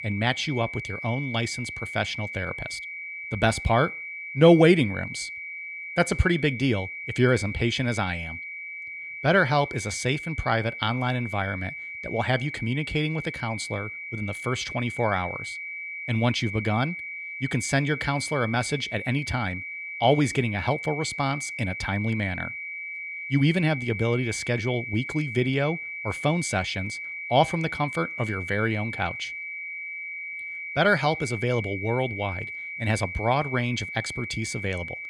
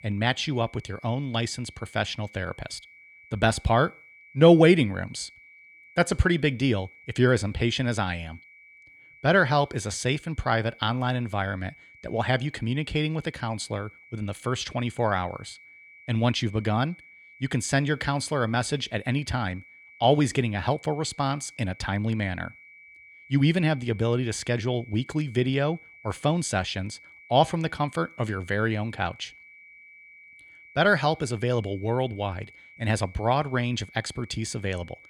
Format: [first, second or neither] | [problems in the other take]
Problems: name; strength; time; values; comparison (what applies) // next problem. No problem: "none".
second | high-pitched whine; loud; throughout; 2.5 kHz, 7 dB below the speech; faint in the second